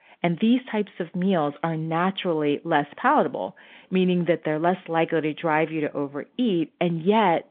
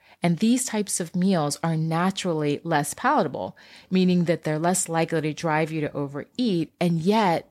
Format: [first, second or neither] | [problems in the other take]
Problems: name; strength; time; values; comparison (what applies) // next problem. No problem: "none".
second | phone-call audio; nothing above 3.5 kHz